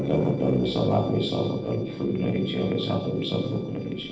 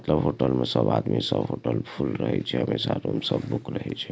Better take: second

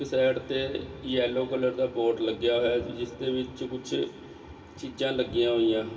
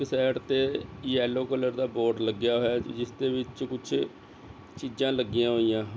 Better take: second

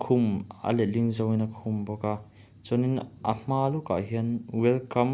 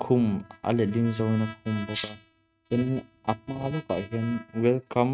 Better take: first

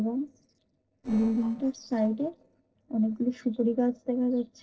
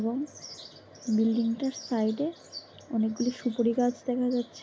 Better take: second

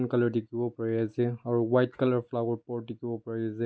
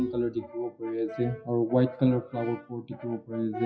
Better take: first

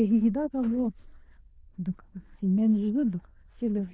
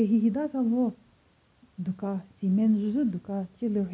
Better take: second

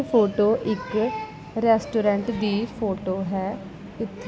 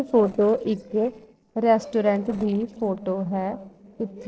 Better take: first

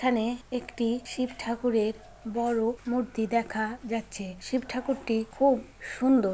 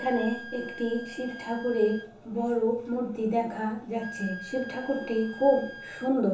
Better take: first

